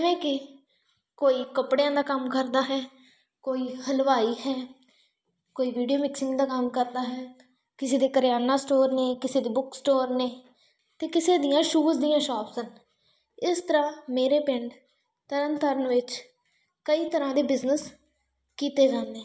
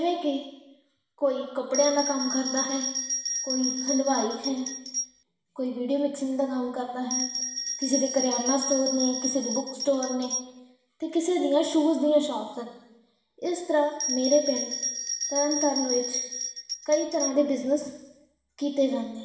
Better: first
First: none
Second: background sound (Bell); 4 dB below the speech // room echo; dies away in 1 s

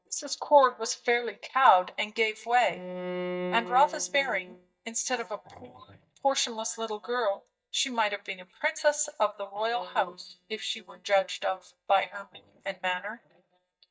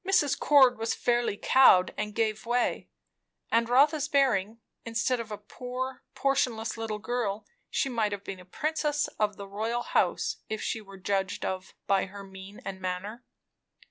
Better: second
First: noise reduction (neural mask model DeepFilterNet 3)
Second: none

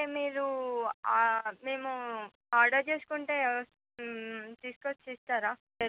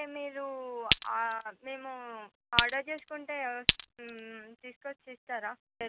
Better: first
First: none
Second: background sound (Glass); 4 dB above the speech

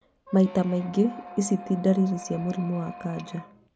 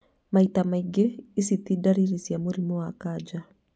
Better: second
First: background sound (Squeak); 16 dB below the speech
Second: none

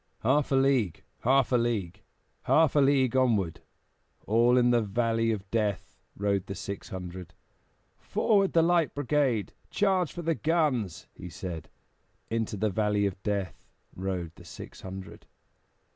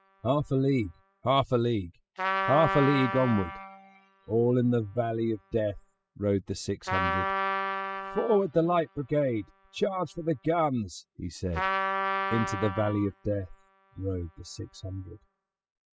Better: first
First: none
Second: noise reduction (classical method spectral subtraction)

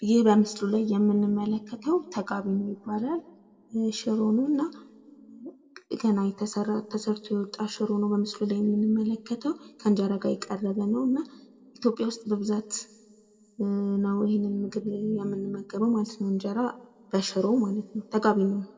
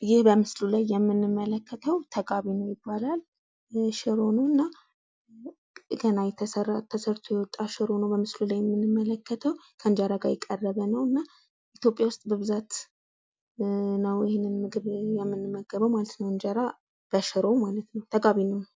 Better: second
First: room echo; dies away in 0.9 s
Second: none

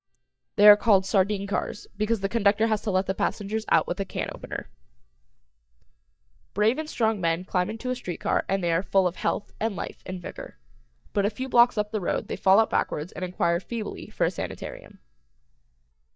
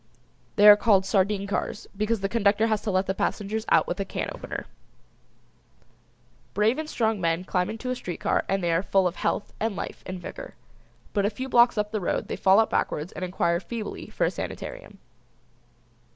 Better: second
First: noise reduction (neural mask model DeepFilterNet 3)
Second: none

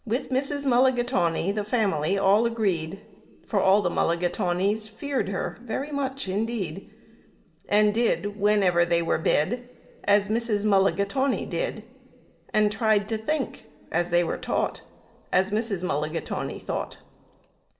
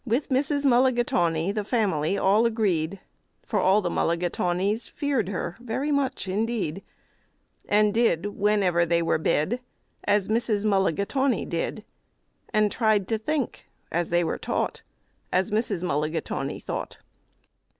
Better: second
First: room echo; dies away in 2.1 s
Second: none

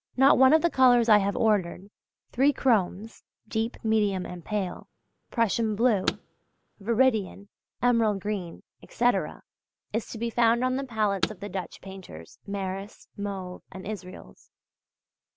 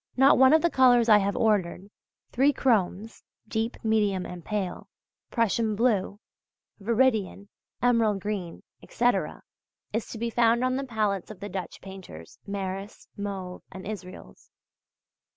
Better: second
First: background sound (Car); 13 dB below the speech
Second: none

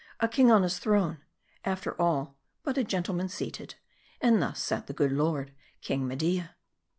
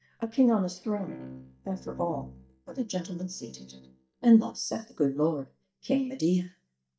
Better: first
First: none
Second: noise reduction (neural mask model DeepFilterNet 3)

